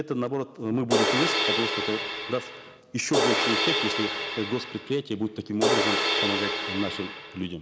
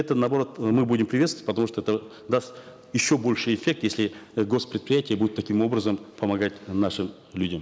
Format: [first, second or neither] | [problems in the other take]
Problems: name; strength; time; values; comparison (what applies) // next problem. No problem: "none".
second | background sound (Crash cymbal); 3 dB above the speech